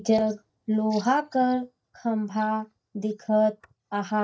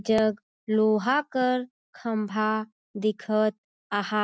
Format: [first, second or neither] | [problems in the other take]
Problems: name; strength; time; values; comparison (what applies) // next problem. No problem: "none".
second | noise reduction (neural mask model DeepFilterNet 3)